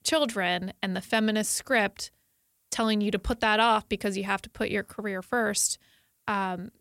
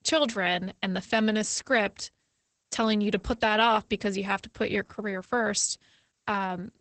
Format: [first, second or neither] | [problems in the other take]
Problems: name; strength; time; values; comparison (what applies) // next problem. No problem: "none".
first | garbled, watery; badly; nothing above 8 kHz